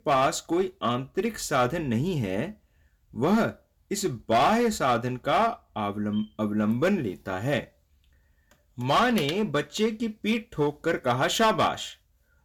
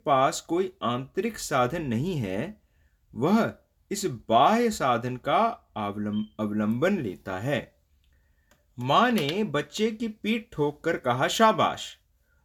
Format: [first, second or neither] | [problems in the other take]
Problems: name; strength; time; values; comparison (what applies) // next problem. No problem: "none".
second | distortion; slight; 4% of the sound clipped